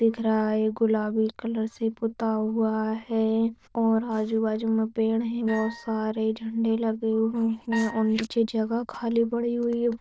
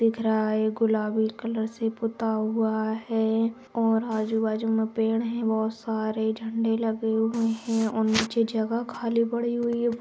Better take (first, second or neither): second